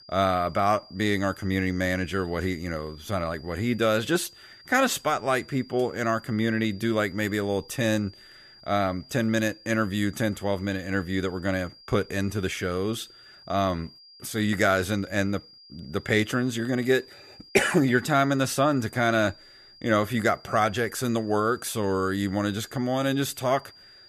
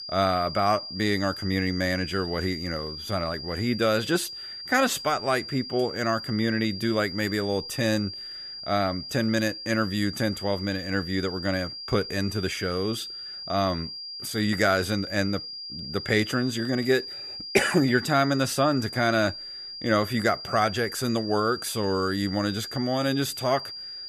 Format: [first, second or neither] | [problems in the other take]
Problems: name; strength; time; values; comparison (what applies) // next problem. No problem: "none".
first | high-pitched whine; loud; throughout; 5 kHz, 9 dB below the speech; faint in the first